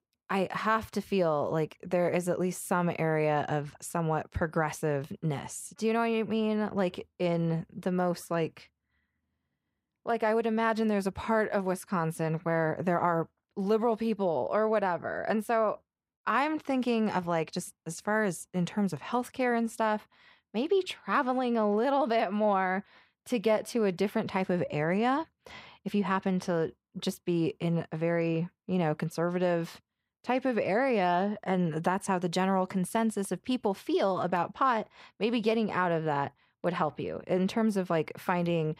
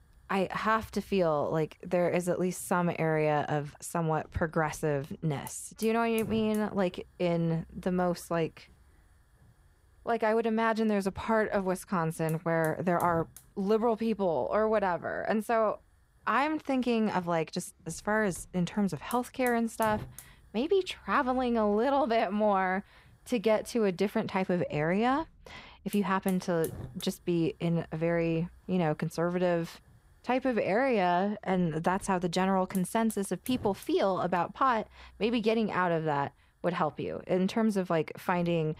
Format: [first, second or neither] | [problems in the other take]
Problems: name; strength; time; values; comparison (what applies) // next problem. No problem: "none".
first | hiss; faint; throughout; 20 dB below the speech